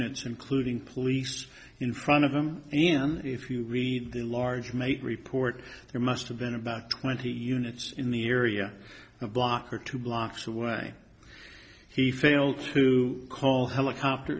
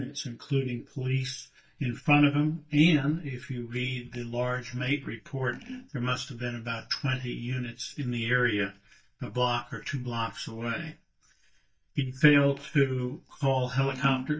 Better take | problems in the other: first | noise reduction (neural mask model DeepFilterNet 3)

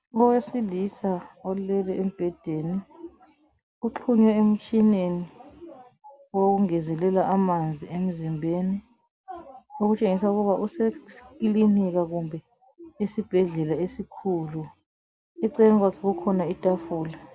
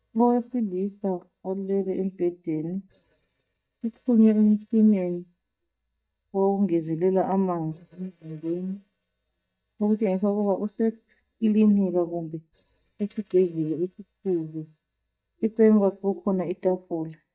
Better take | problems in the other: first | noise reduction (neural mask model DeepFilterNet 3)

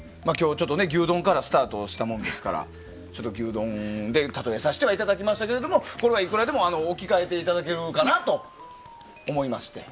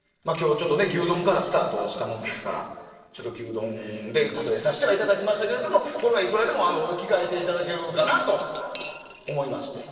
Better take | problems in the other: first | noise reduction (neural separator model SepFormer DNS4)

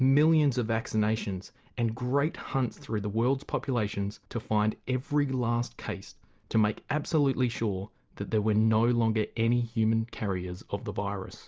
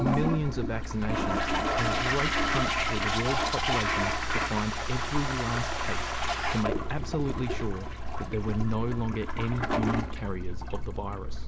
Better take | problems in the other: first | background sound (Toilet flush + Engine); 3 dB above the speech

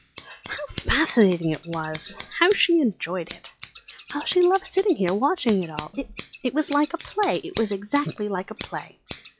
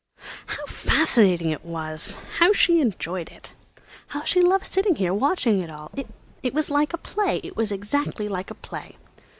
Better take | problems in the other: second | noise reduction (classical method log-MMSE)

